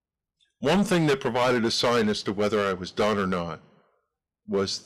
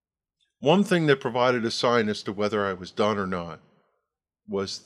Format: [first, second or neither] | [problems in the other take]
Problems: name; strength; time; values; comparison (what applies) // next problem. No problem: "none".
second | distortion; heavy; 9% of the sound clipped